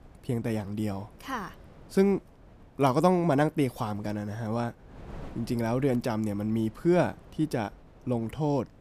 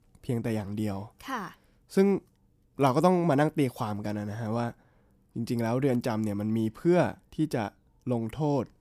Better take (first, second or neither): second